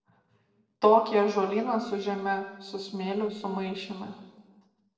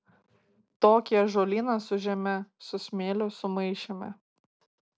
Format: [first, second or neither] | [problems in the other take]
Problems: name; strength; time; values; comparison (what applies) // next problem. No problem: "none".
second | noise reduction (neural separator model SepFormer DNS4)